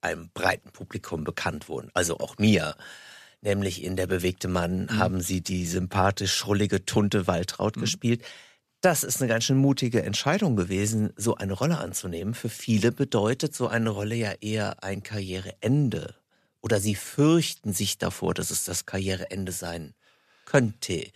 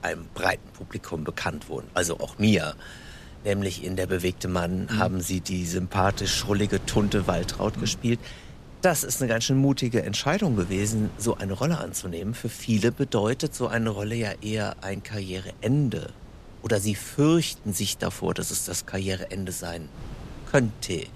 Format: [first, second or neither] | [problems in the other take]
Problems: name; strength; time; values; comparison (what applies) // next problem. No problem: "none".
first | wind noise on the microphone; occasional gusts; 20 dB below the speech